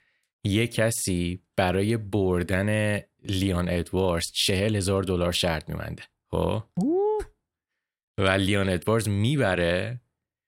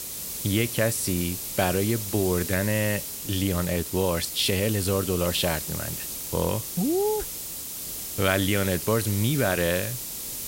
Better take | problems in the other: first | hiss; loud; throughout; 5 dB below the speech

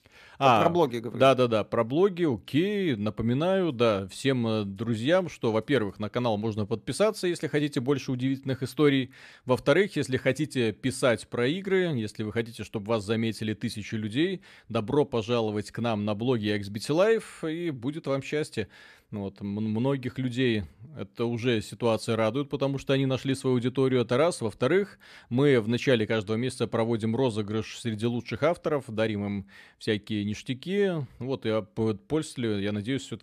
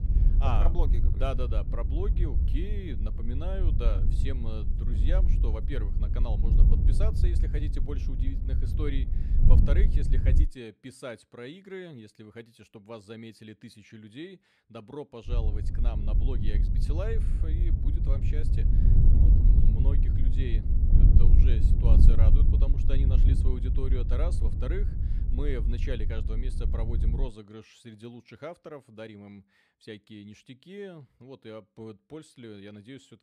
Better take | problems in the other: first | wind noise on the microphone; heavy; until 10 s and from 15 to 27 s; 2 dB below the speech

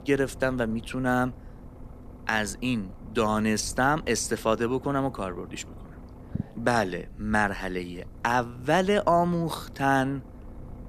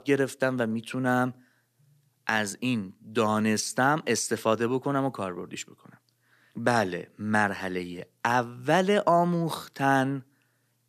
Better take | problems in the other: second | low rumble; faint; throughout; 25 dB below the speech

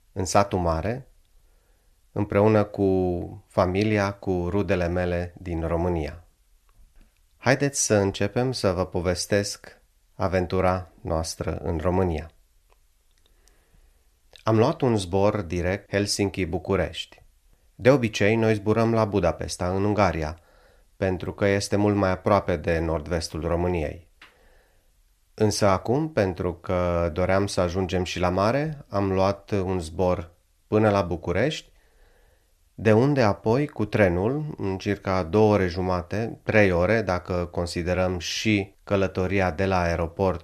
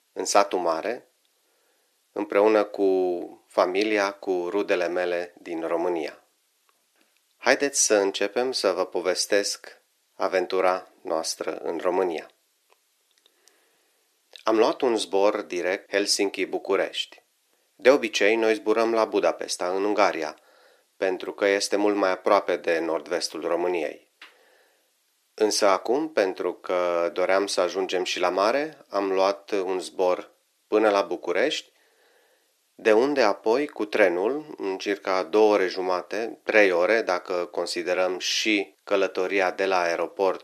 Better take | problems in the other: first | thin; somewhat; fading below 350 Hz

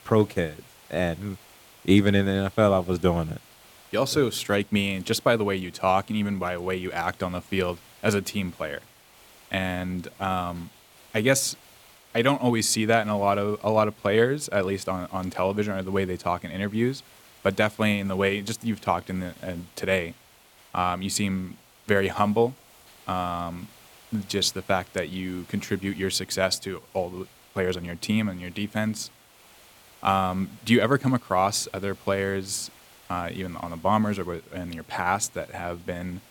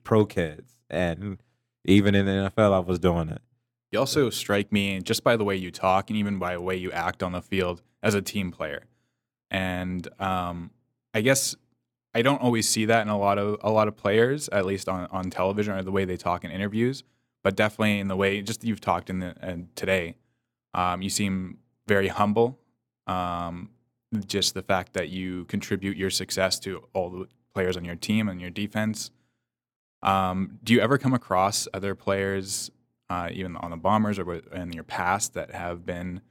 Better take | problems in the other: second | hiss; faint; throughout; 25 dB below the speech

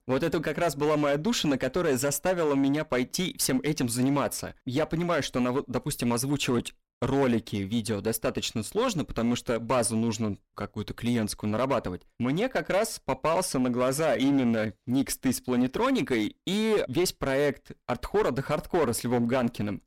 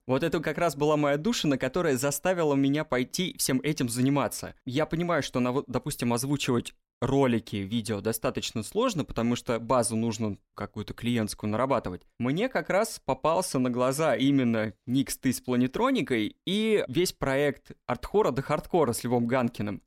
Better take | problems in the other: second | distortion; slight; 9% of the sound clipped

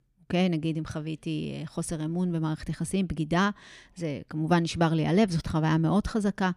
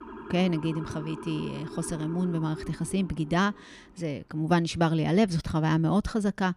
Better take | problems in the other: first | siren; faint; until 4 s; peak 10 dB below the speech

